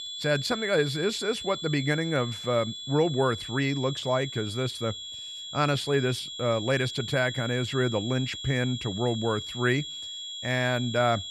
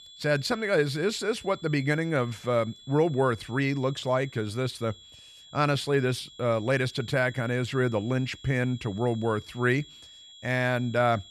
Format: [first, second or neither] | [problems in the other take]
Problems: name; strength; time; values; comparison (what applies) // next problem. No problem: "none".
second | high-pitched whine; loud; throughout; 3.5 kHz, 8 dB below the speech; faint in the second